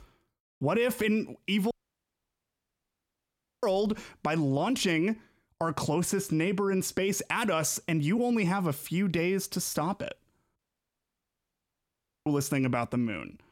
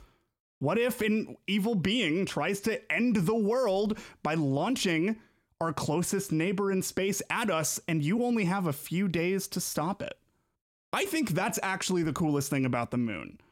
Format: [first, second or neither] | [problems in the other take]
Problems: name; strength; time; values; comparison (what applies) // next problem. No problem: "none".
second | audio cutting out; at 1.5 s for 2 s and at 11 s for 1.5 s